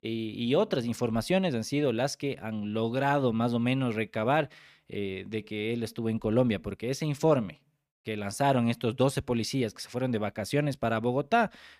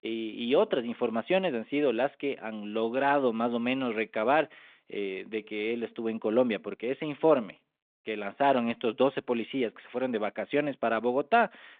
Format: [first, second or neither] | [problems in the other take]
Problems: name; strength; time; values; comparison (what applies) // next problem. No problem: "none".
first | phone-call audio; nothing above 3.5 kHz